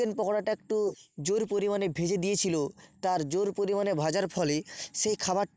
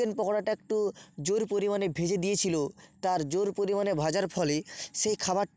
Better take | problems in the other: second | noise reduction (neural mask model Resemble Enhance denoiser)

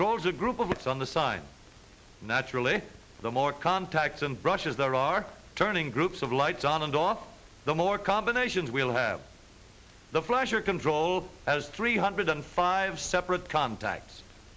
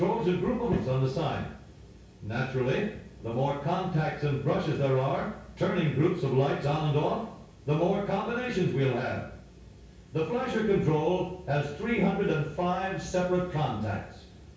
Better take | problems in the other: first | room echo; dies away in 0.6 s

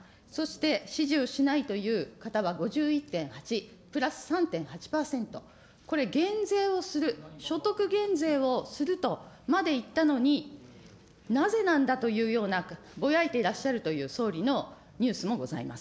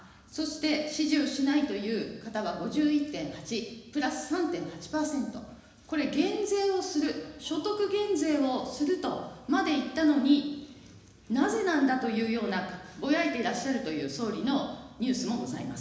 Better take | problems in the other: first | room echo; dies away in 1 s

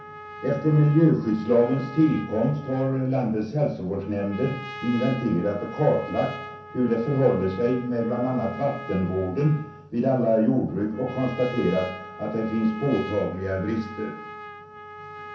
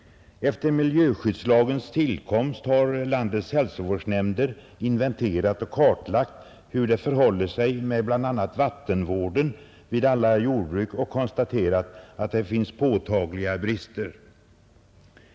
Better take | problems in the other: second | background sound (Trumpet); 15 dB below the speech // room echo; dies away in 0.6 s

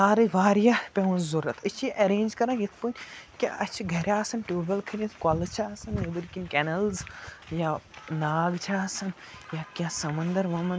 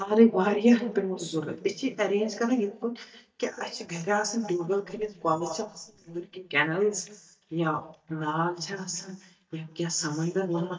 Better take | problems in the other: first | noise reduction (neural mask model DeepFilterNet 3)

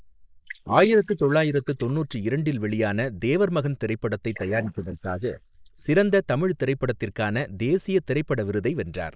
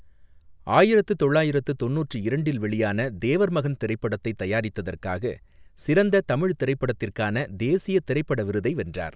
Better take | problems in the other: second | noise reduction (neural mask model Resemble Enhance denoiser)

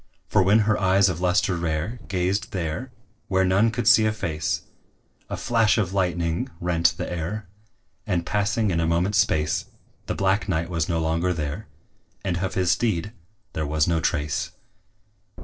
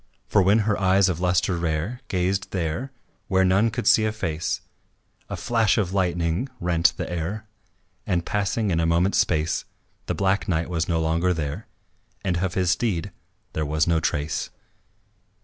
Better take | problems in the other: second | noise reduction (neural separator model SepFormer DNS4)

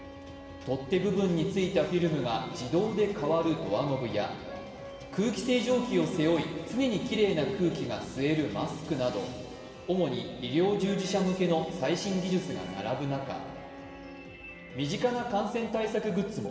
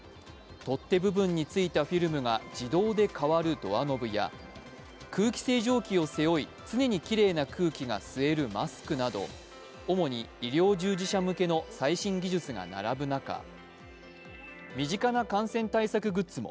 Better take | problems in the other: second | background sound (Wind instrument, woodwind instrument); 19 dB below the speech // room echo; dies away in 2.2 s

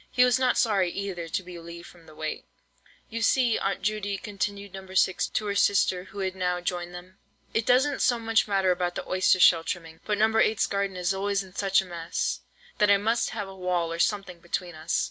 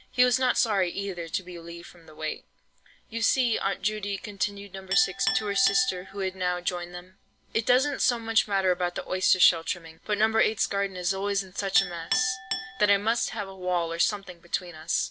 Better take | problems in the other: first | background sound (Chink, clink); 13 dB below the speech

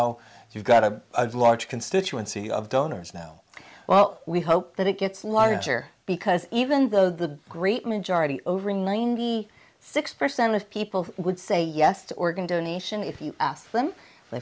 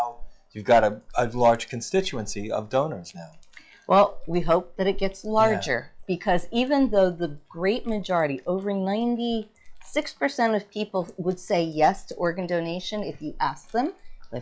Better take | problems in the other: first | noise reduction (classical method log-MMSE)

